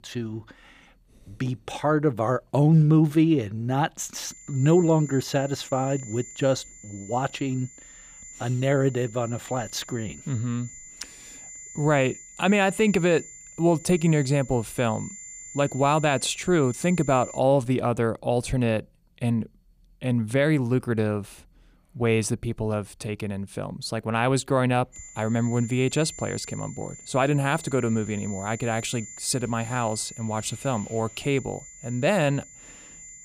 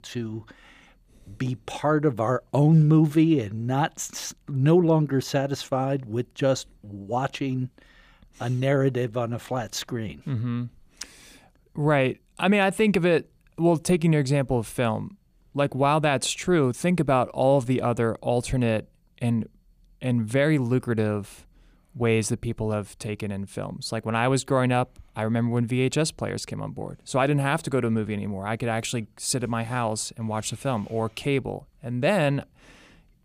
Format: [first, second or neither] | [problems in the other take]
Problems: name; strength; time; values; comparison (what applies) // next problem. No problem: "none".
second | high-pitched whine; noticeable; from 4 to 17 s and from 25 s on; 7 kHz, 15 dB below the speech